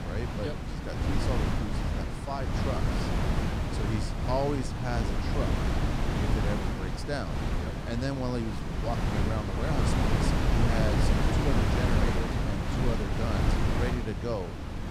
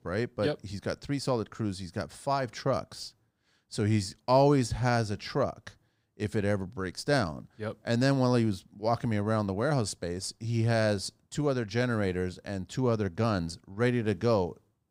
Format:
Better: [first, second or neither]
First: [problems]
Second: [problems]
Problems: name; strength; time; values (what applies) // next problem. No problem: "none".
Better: second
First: wind noise on the microphone; heavy; 2 dB above the speech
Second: none